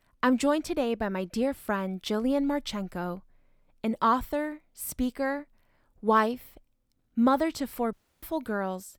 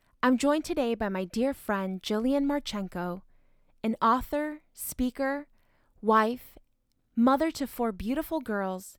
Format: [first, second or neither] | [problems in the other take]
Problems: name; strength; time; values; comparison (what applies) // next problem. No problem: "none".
second | audio cutting out; at 8 s